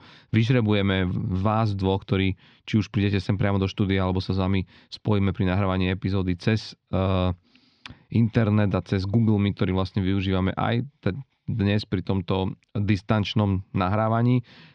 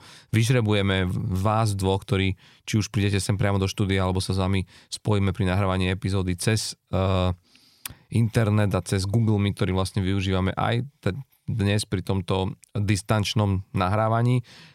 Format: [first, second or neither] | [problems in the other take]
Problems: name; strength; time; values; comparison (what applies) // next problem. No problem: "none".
second | muffled; very slightly; fading above 4.5 kHz